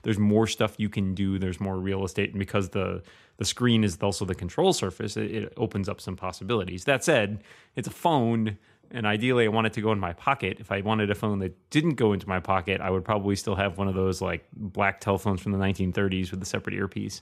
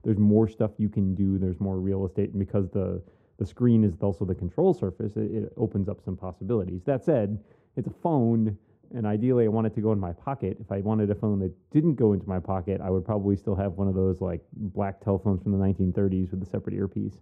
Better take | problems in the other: first | muffled; very; fading above 1 kHz

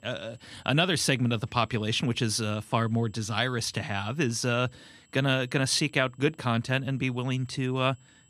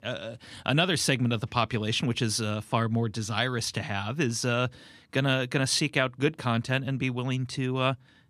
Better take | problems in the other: second | high-pitched whine; faint; throughout; 7.5 kHz, 35 dB below the speech

